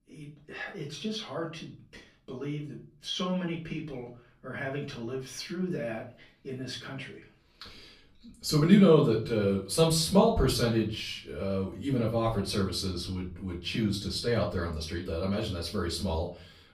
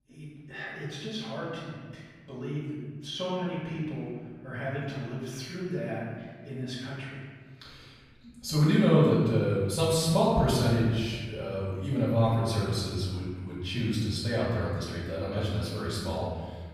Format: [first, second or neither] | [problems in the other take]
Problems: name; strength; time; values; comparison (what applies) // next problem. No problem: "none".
first | room echo; strong; dies away in 1.5 s; slight in the first // off-mic speech; far; far in the first